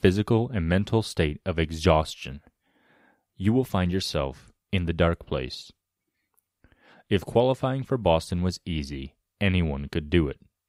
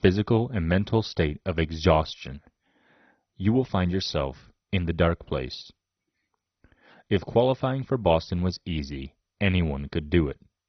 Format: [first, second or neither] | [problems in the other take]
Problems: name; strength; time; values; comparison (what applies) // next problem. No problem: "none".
first | garbled, watery; badly; nothing above 6 kHz